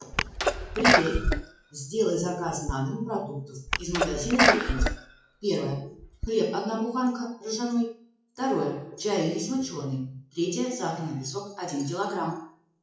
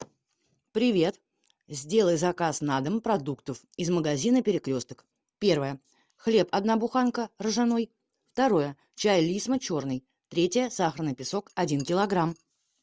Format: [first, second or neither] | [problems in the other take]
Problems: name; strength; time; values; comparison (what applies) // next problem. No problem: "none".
second | noise reduction (classical method WPE with log-MMSE)